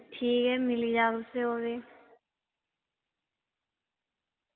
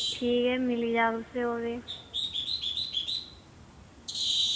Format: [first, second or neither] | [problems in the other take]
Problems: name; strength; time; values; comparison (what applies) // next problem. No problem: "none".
first | background sound (Bird); 2 dB below the speech